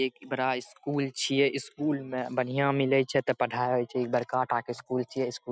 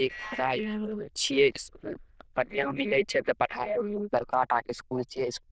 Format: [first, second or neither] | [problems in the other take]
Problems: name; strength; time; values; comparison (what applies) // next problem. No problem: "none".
first | noise reduction (neural diffusion model UNIVERSE++)